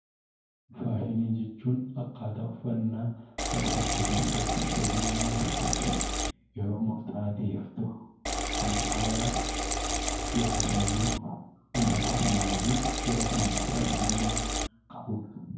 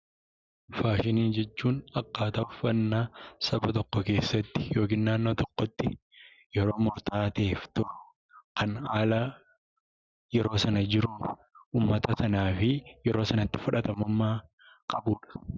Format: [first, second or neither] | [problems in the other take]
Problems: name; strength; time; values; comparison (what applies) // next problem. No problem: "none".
second | background sound (Liquid); 2 dB above the speech // room echo; dies away in 0.9 s